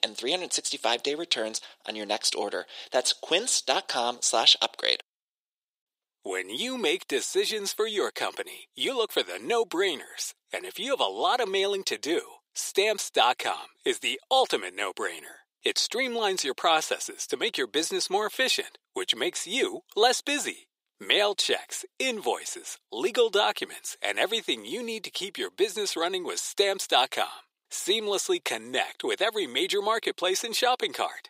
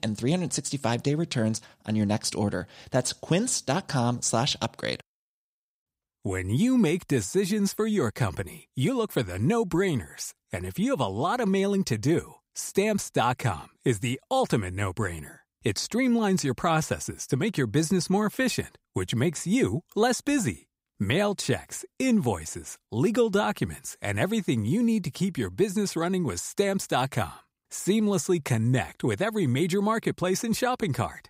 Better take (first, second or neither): second